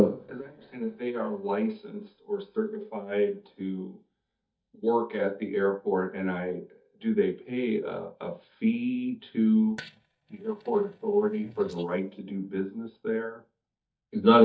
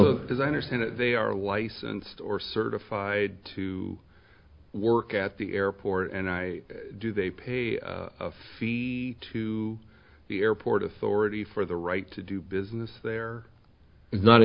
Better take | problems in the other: second | noise reduction (neural mask model DeepFilterNet 3)

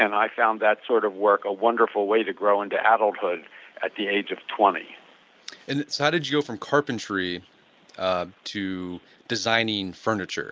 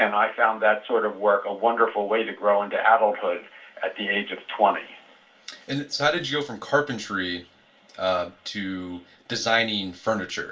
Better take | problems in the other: first | room echo; dies away in 0.2 s

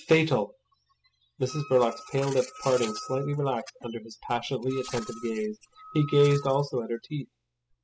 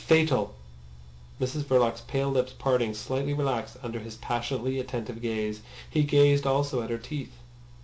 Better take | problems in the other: second | noise reduction (classical method spectral subtraction)

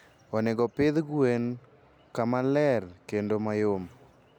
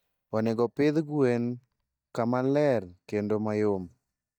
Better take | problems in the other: first | noise reduction (neural mask model DeepFilterNet 3)

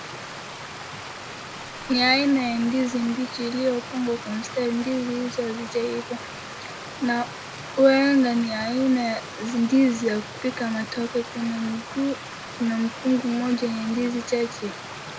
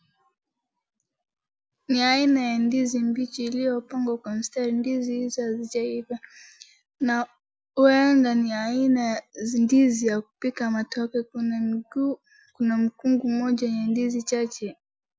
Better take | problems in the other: second | background sound (Stream); 12 dB below the speech // room echo; dies away in 0.2 s

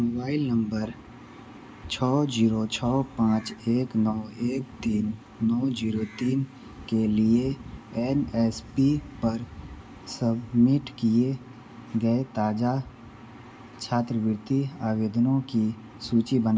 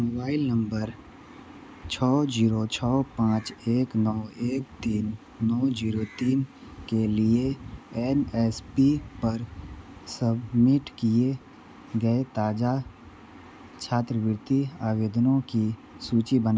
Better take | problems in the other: second | room echo; dies away in 1.9 s

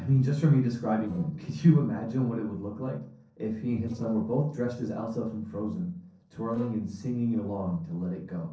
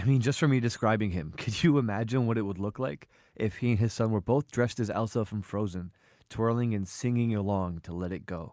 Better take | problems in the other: second | noise reduction (neural separator model SepFormer DNS4)

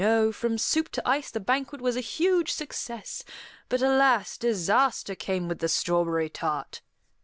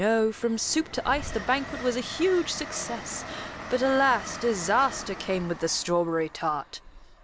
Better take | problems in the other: first | background sound (Train); 12 dB below the speech

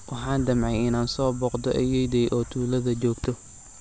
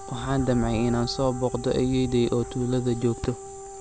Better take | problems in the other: first | background sound (Wind instrument, woodwind instrument); 14 dB below the speech

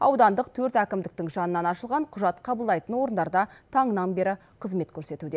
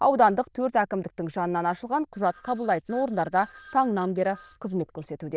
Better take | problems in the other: first | noise reduction (neural diffusion model UNIVERSE++)

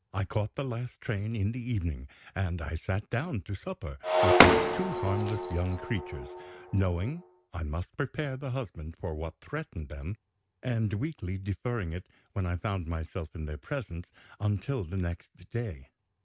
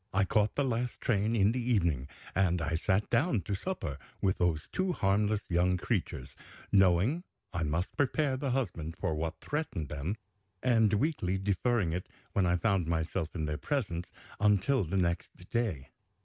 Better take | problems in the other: second | background sound (Shatter); 5 dB above the speech

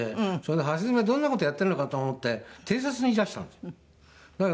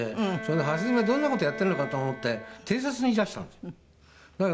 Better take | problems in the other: first | background sound (Bowed string instrument); 11 dB below the speech

